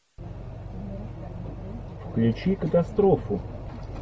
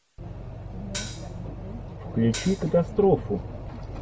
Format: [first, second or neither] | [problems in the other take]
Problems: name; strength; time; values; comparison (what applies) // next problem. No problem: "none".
first | background sound (Hi-hat); 11 dB below the speech